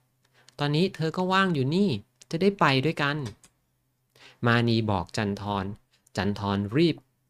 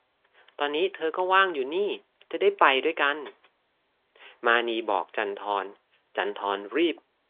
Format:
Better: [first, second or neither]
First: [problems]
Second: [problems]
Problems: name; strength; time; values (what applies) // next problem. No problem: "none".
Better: first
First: none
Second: phone-call audio; nothing above 3.5 kHz